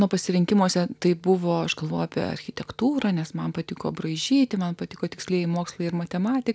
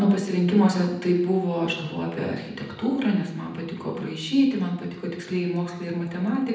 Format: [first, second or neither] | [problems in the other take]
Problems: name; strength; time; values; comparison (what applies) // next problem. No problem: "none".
first | room echo; dies away in 0.9 s